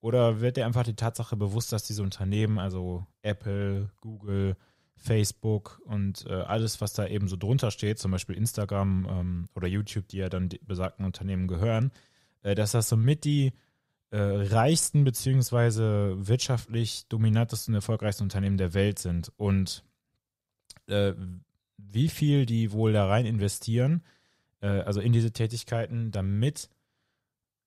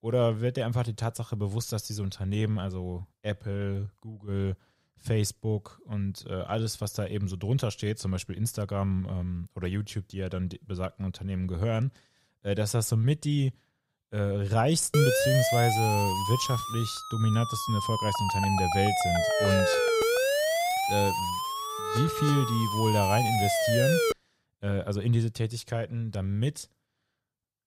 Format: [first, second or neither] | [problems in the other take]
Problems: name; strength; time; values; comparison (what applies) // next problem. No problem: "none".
first | siren; loud; from 15 to 24 s; peak 5 dB above the speech